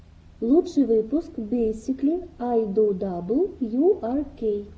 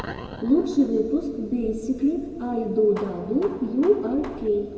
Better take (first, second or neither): first